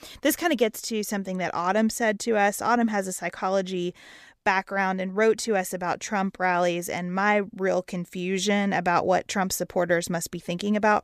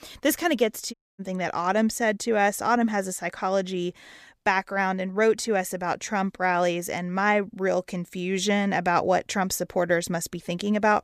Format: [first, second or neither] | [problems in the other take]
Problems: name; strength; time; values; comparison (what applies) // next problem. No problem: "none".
first | audio cutting out; at 1 s